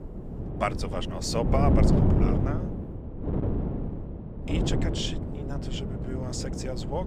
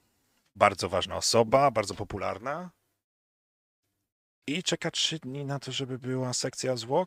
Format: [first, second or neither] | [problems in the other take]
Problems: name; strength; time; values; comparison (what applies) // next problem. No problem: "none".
second | wind noise on the microphone; heavy; 2 dB below the speech